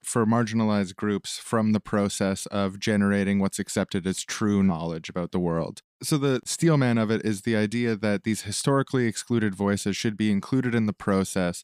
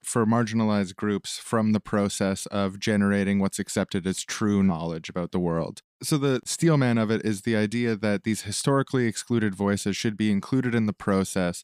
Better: neither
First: none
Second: none

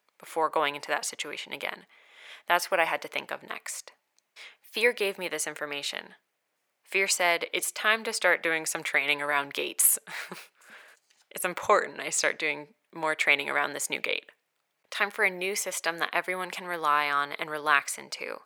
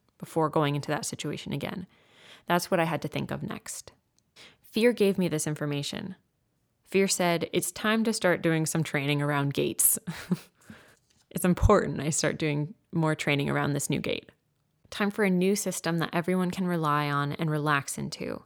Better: second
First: thin; very; fading below 650 Hz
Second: none

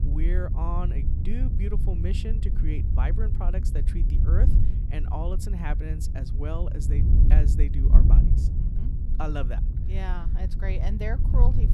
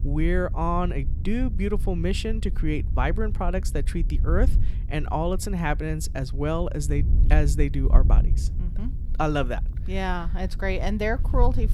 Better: second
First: wind noise on the microphone; heavy; 4 dB below the speech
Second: wind noise on the microphone; occasional gusts; 15 dB below the speech

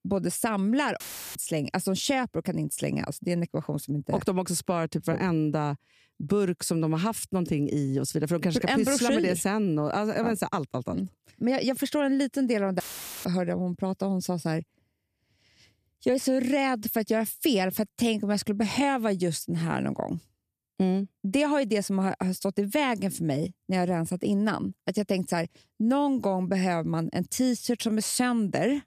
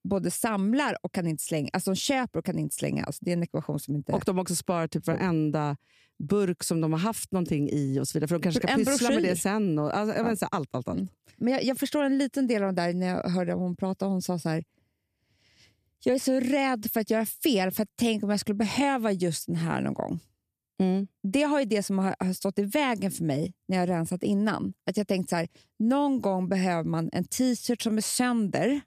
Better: second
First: audio cutting out; filled with static; at 1 s and at 13 s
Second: none

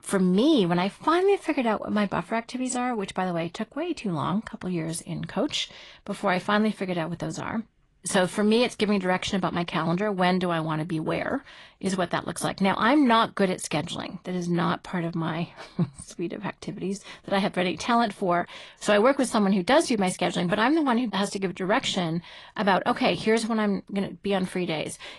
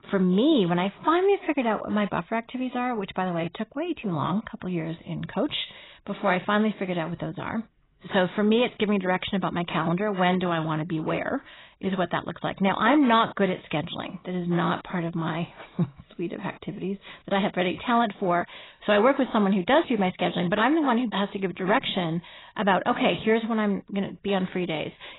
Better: first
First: garbled, watery; slightly; nothing above 10.5 kHz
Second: garbled, watery; badly; nothing above 4 kHz

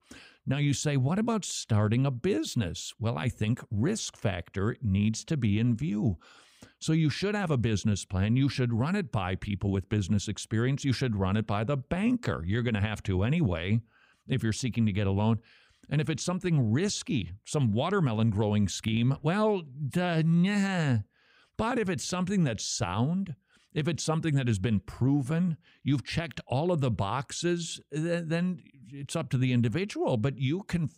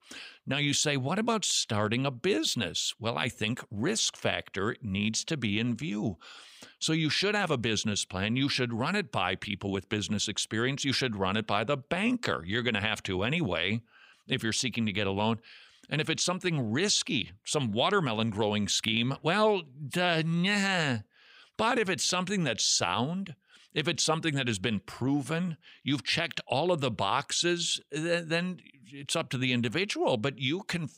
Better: first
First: none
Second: thin; somewhat; fading below 450 Hz

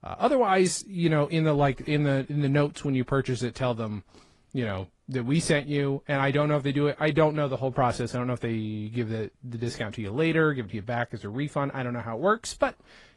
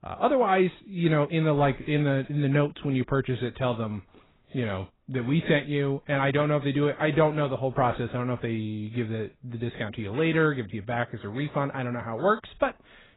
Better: first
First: garbled, watery; slightly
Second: garbled, watery; badly; nothing above 4 kHz

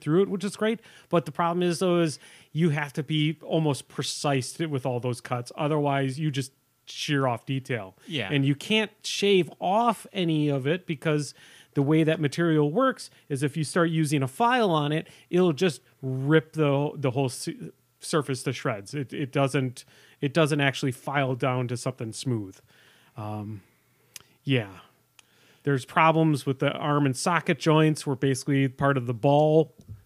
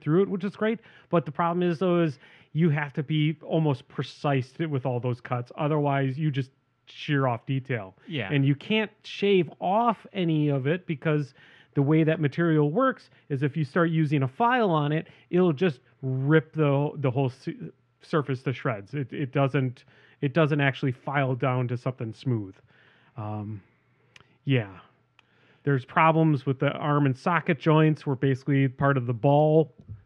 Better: first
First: none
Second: muffled; slightly; fading above 2 kHz

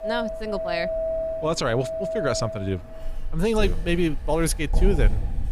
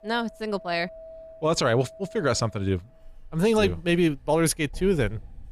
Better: second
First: household noises; loud; throughout; 3 dB below the speech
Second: household noises; faint; throughout; 20 dB below the speech

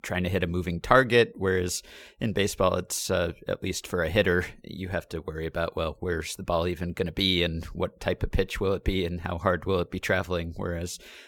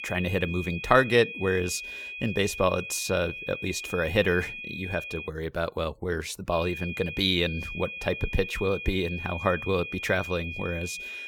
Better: first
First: none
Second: high-pitched whine; loud; until 5.5 s and from 6.5 s on; 2.5 kHz, 8 dB below the speech

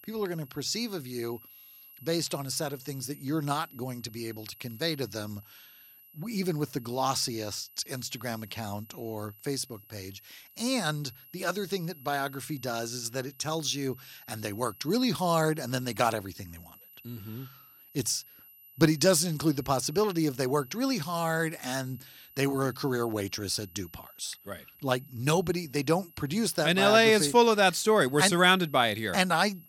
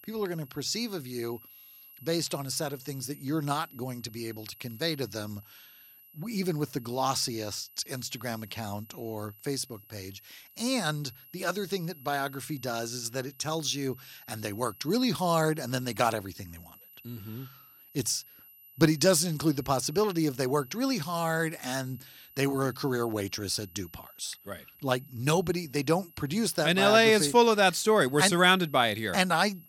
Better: neither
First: high-pitched whine; faint; throughout; 12 kHz, 25 dB below the speech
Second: high-pitched whine; faint; throughout; 12 kHz, 25 dB below the speech

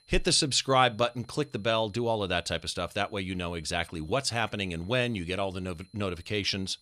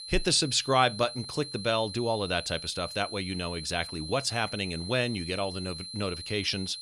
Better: first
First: high-pitched whine; faint; throughout; 4 kHz, 35 dB below the speech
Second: high-pitched whine; loud; throughout; 4 kHz, 9 dB below the speech

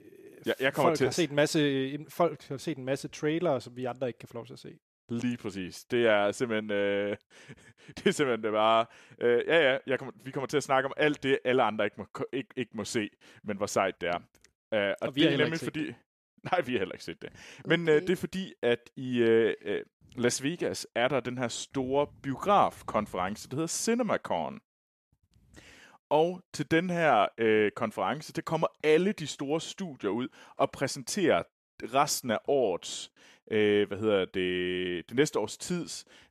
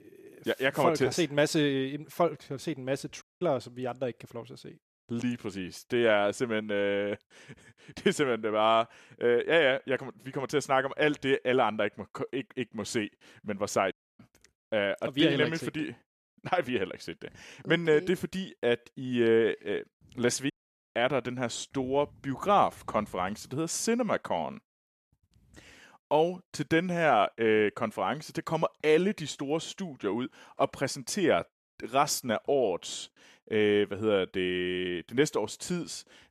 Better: first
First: none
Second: audio cutting out; at 3 s, at 14 s and at 21 s

